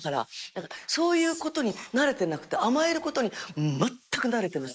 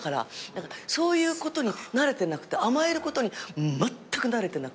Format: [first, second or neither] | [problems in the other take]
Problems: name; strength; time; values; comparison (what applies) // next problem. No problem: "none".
second | noise reduction (neural mask model Resemble Enhance denoiser)